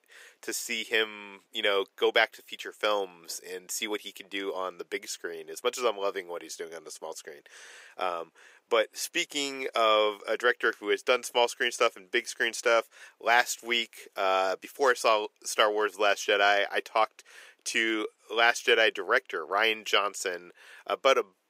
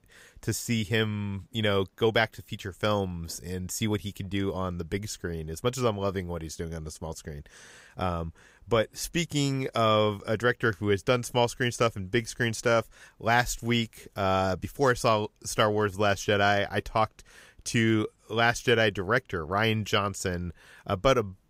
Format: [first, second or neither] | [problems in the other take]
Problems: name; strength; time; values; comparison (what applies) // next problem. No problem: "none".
second | thin; very; fading below 350 Hz